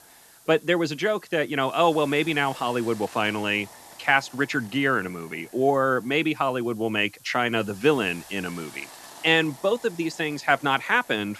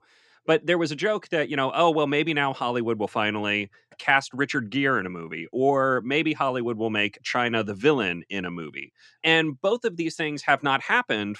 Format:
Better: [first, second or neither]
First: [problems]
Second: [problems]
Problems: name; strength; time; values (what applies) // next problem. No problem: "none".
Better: second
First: hiss; faint; throughout; 20 dB below the speech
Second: none